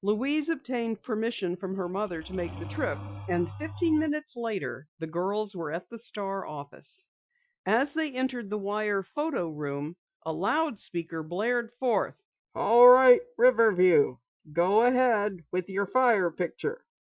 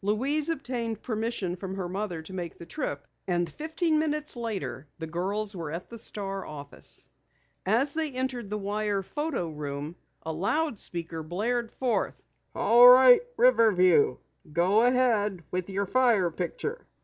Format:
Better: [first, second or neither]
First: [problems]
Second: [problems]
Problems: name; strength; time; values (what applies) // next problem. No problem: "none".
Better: second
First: noise reduction (classical method Wiener filter)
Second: none